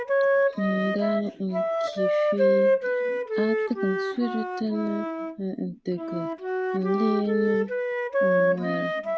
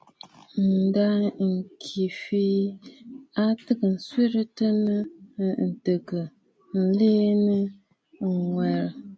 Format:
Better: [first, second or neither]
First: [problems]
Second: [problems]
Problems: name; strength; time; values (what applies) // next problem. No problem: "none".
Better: second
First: background sound (Wind instrument, woodwind instrument); 4 dB above the speech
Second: none